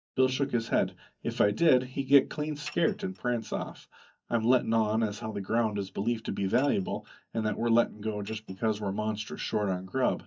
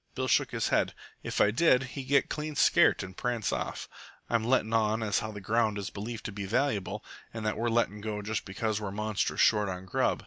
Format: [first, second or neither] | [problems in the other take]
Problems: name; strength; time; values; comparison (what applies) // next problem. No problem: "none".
second | noise reduction (neural mask model DeepFilterNet 3)